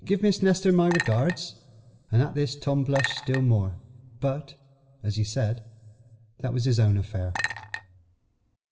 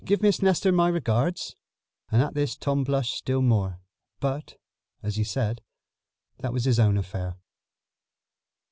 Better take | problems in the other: second | background sound (Chink, clink); 9 dB below the speech // room echo; dies away in 0.9 s

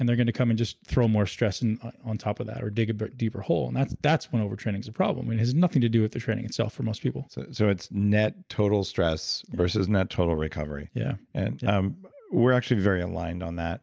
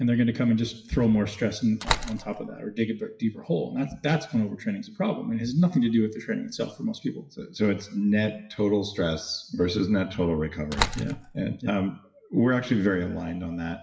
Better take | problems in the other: first | noise reduction (classical method WPE with log-MMSE)

